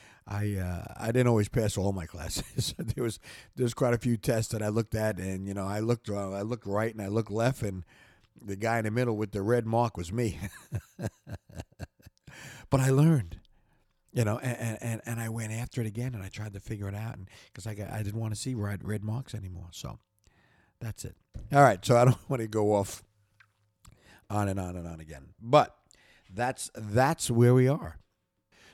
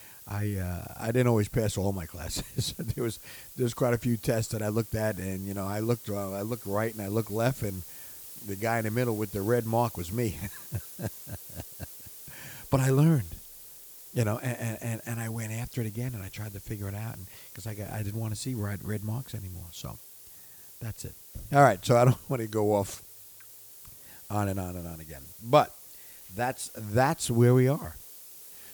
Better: first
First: none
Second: hiss; noticeable; throughout; 15 dB below the speech

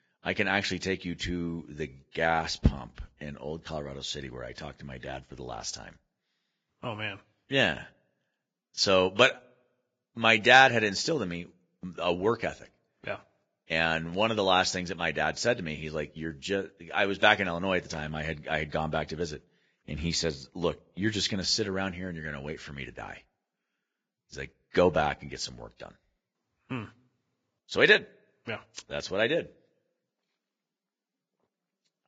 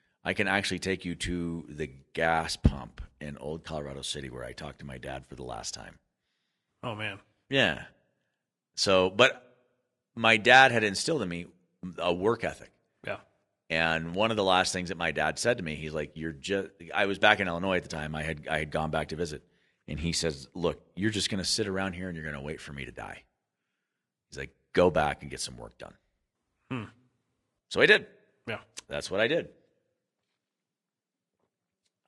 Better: second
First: garbled, watery; badly; nothing above 7.5 kHz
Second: garbled, watery; slightly; nothing above 10.5 kHz

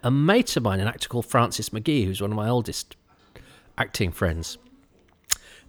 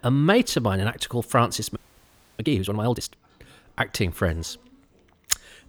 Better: first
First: none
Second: audio freezing; at 2 s for 0.5 s

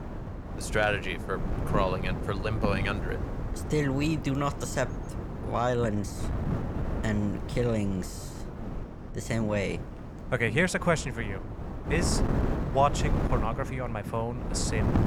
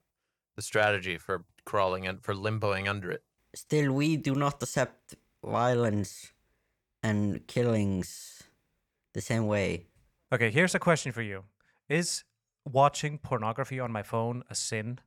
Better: second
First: wind noise on the microphone; heavy; 9 dB below the speech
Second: none

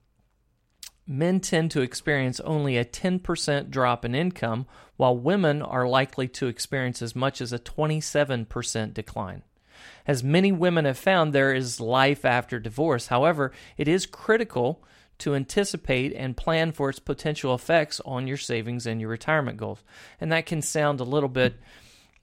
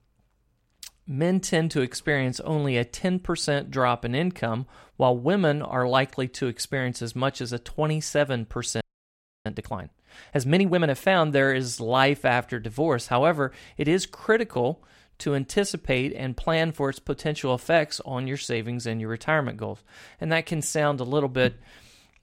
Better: first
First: none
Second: audio freezing; at 9 s for 0.5 s

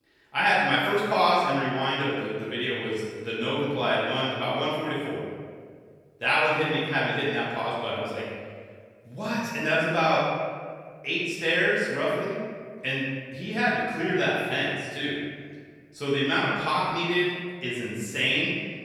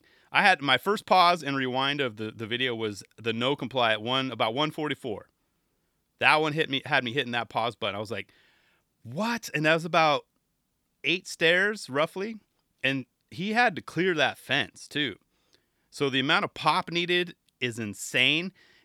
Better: second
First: room echo; strong; dies away in 1.6 s // off-mic speech; far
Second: none

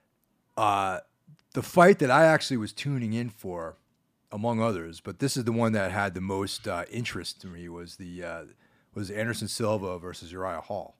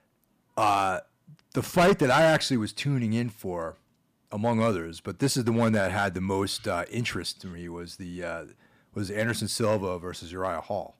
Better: first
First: none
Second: distortion; heavy; 3% of the sound clipped

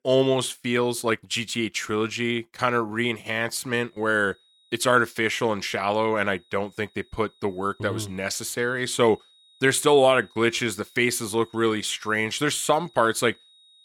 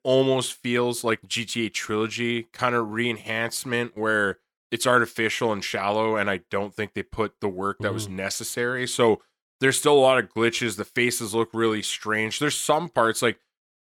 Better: second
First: high-pitched whine; faint; from 4 s on; 4 kHz, 30 dB below the speech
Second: none

